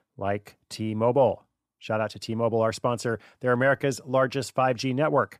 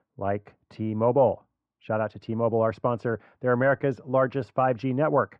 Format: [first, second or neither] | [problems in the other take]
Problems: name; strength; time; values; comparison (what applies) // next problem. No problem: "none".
first | muffled; very; fading above 1.5 kHz